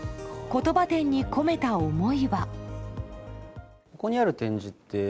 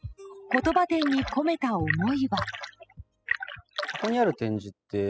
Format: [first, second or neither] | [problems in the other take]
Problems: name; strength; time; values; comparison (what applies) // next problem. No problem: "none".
first | noise reduction (classical method spectral subtraction)